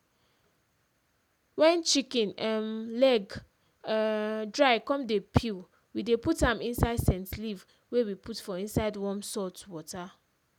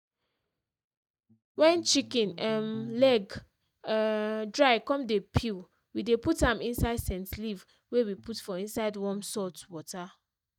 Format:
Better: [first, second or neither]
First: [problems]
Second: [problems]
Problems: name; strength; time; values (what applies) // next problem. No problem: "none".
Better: first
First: none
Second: noise reduction (neural mask model DeepFilterNet 3)